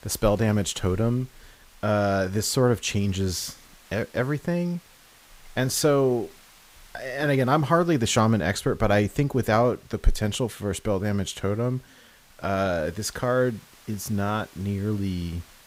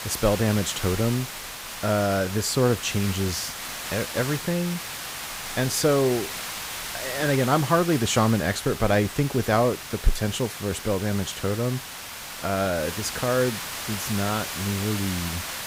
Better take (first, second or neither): first